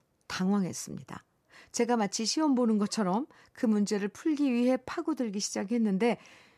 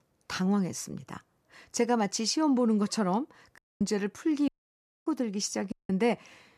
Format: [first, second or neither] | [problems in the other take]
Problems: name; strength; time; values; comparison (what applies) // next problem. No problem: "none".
first | audio cutting out; at 3.5 s, at 4.5 s for 0.5 s and at 5.5 s